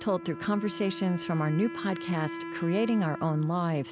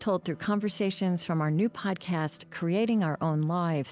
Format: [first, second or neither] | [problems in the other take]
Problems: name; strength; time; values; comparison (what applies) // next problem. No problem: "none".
second | background sound (Wind instrument, woodwind instrument); 11 dB below the speech